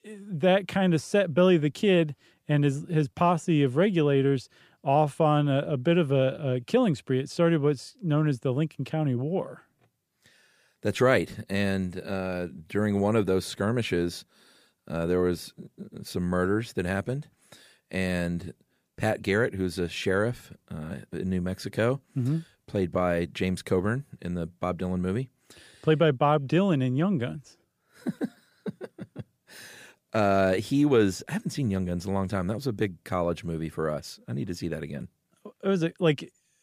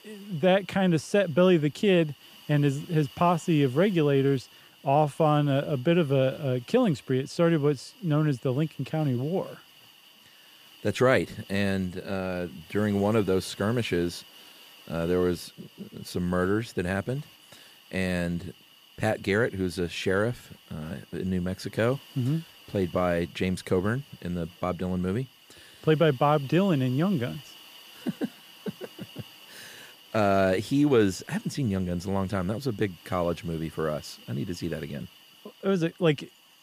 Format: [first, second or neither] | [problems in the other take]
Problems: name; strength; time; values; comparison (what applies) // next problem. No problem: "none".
first | hiss; faint; throughout; 25 dB below the speech